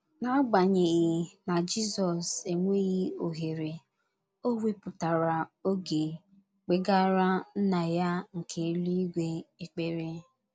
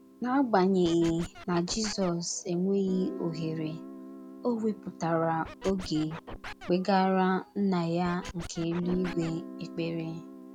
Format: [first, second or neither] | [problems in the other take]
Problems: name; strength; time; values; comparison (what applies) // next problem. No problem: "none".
first | background sound (Guitar + Scratching (performance technique)); 14 dB below the speech